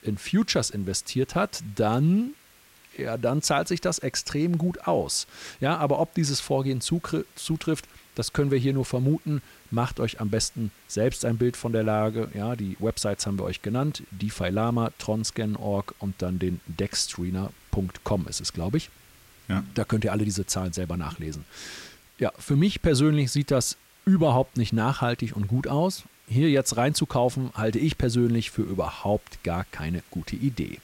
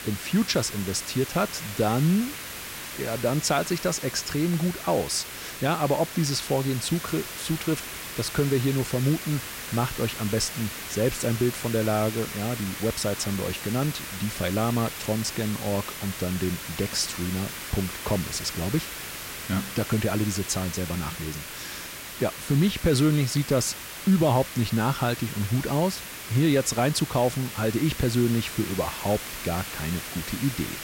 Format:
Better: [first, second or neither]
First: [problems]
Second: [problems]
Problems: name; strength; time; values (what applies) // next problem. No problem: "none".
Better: first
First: hiss; faint; throughout; 25 dB below the speech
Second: hiss; loud; throughout; 8 dB below the speech